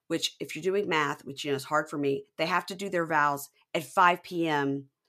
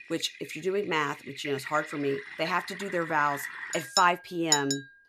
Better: first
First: none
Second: household noises; loud; throughout; 4 dB below the speech

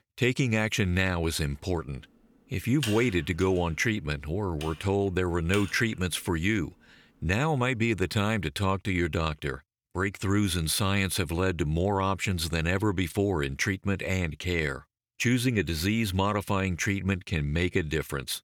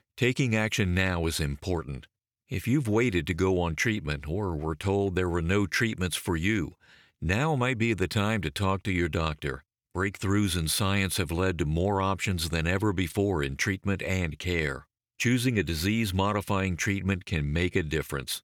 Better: second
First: keyboard typing; noticeable; from 3 to 6 s; peak 7 dB below the speech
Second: none

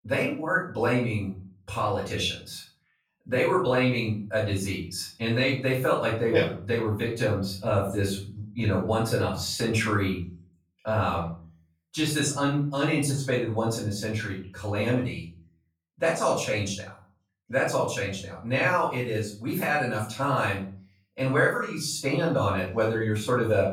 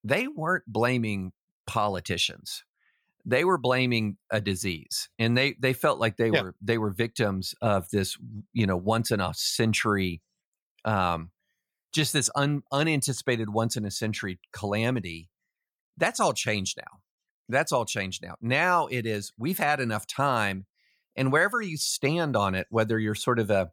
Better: second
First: off-mic speech; far // room echo; noticeable; dies away in 0.4 s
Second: none

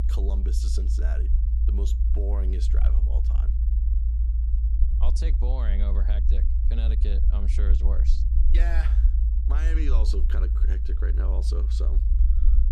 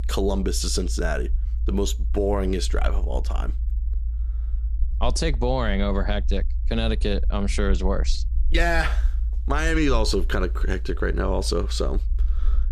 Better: second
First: low rumble; loud; throughout; 4 dB below the speech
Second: low rumble; faint; throughout; 20 dB below the speech

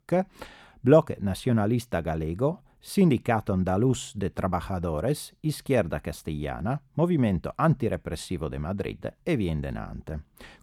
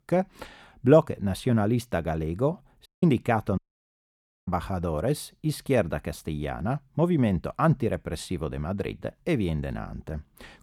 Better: first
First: none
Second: audio cutting out; at 3 s and at 3.5 s for 1 s

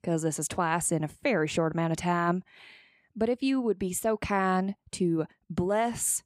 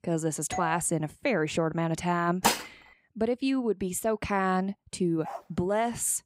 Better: first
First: none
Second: doorbell; noticeable; at 0.5 s; peak 7 dB below the speech // clattering dishes; loud; at 2.5 s; peak 2 dB above the speech // dog barking; faint; at 5 s; peak 15 dB below the speech

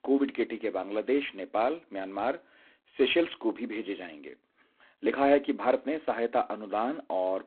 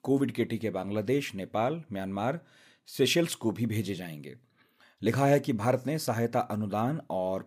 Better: second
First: phone-call audio; poor line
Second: none

